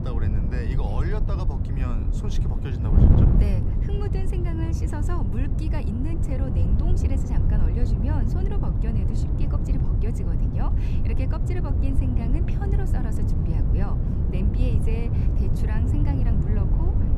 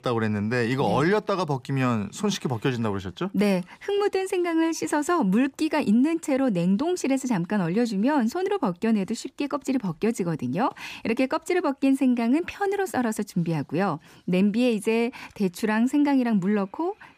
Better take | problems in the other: second | wind noise on the microphone; heavy; 1 dB above the speech

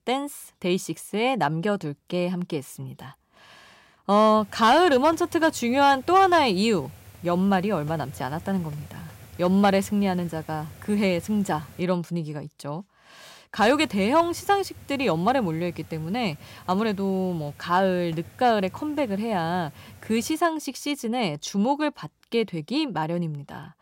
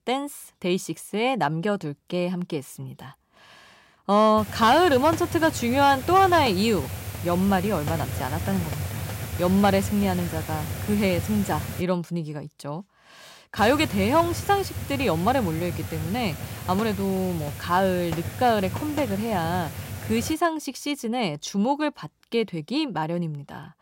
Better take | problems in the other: first | hiss; loud; from 4.5 to 12 s and from 14 to 20 s; 9 dB below the speech; faint in the first

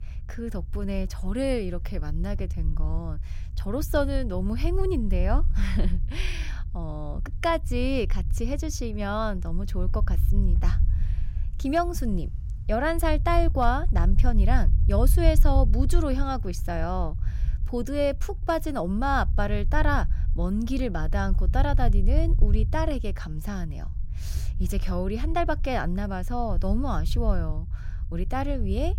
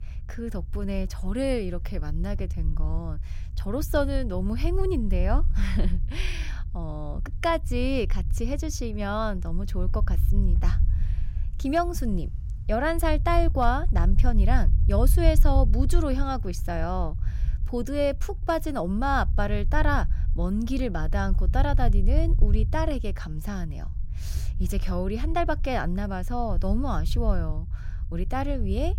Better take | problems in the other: neither | low rumble; noticeable; throughout; 20 dB below the speech; the same in both

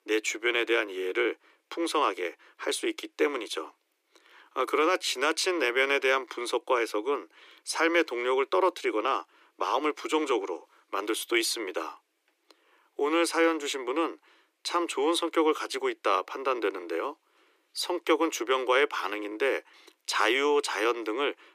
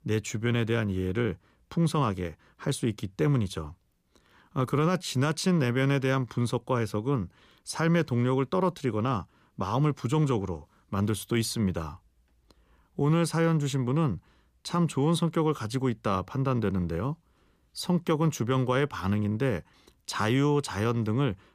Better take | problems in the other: second | thin; very; fading below 300 Hz

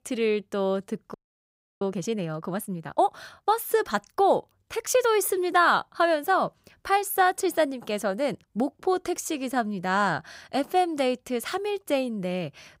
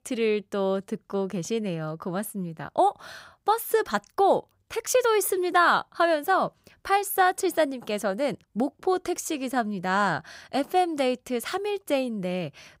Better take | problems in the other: second | audio freezing; at 1 s for 0.5 s

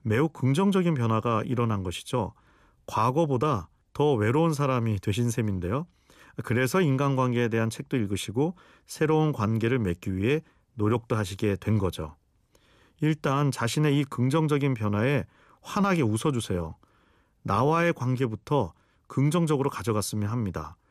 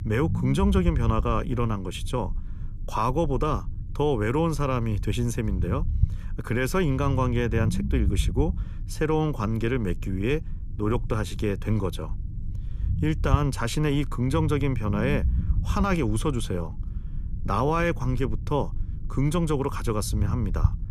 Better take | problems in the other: first | low rumble; noticeable; throughout; 15 dB below the speech

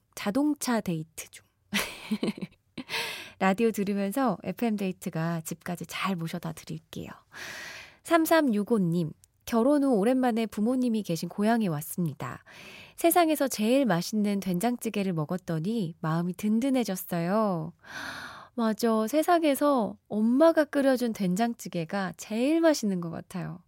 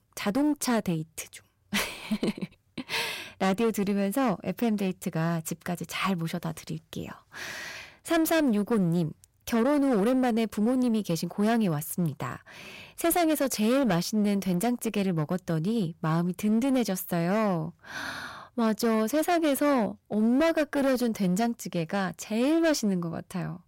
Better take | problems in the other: first | distortion; slight; 11% of the sound clipped

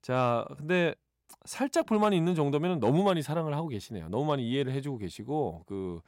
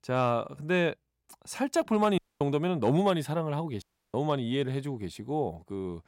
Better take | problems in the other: first | audio cutting out; at 2 s and at 4 s

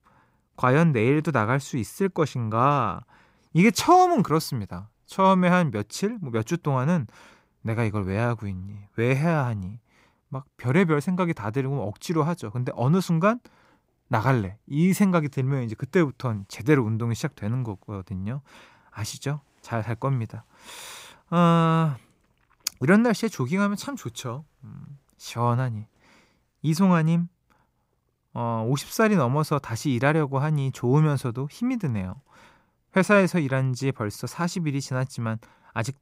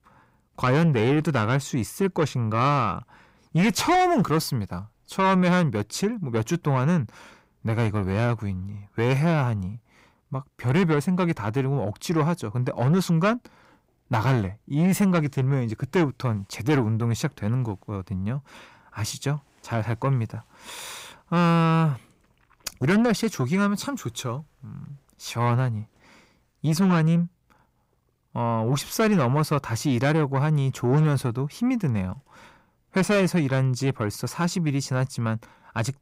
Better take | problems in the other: first | distortion; slight; 10 dB below the speech

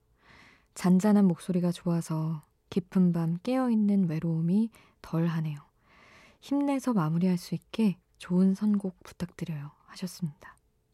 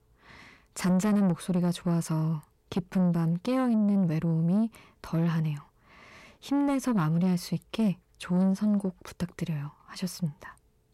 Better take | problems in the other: first | distortion; slight; 10 dB below the speech

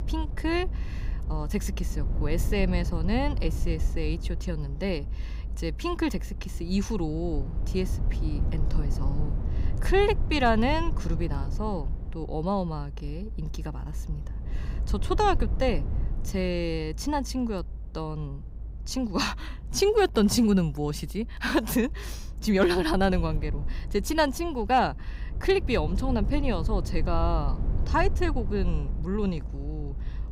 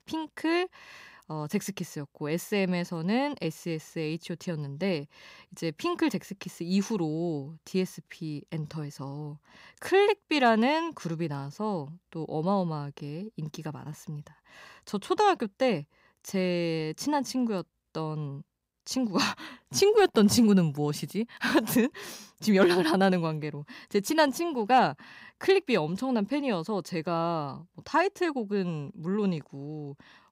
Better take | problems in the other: second | low rumble; noticeable; throughout; 20 dB below the speech

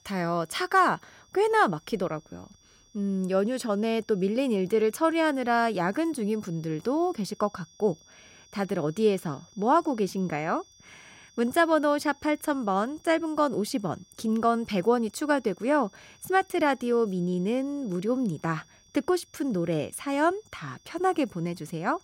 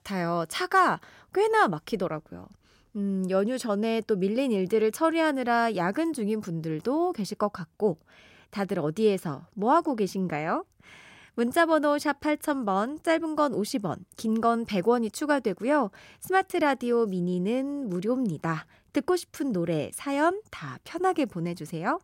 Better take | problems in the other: second | high-pitched whine; faint; throughout; 6 kHz, 30 dB below the speech

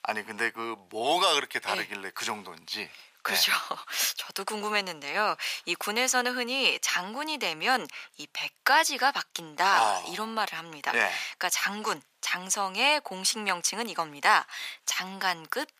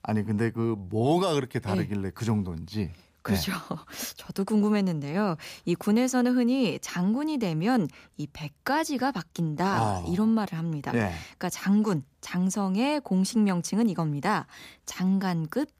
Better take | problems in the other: second | thin; very; fading below 850 Hz

